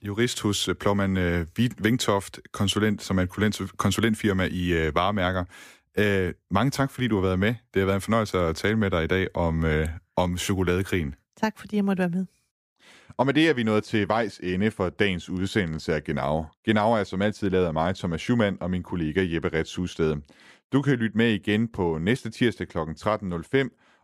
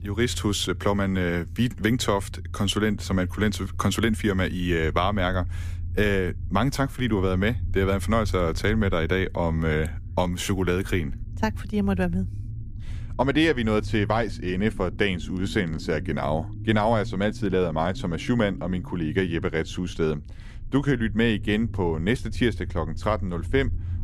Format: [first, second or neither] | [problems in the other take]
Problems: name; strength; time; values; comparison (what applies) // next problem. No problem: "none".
first | low rumble; faint; throughout; 20 dB below the speech